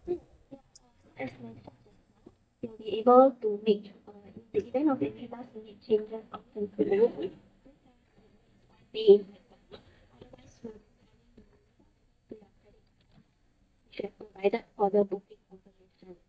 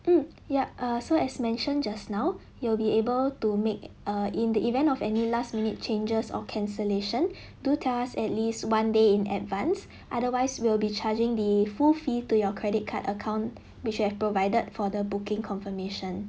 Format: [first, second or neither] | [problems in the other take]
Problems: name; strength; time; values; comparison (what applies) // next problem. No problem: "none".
second | noise reduction (neural mask model DeepFilterNet 3)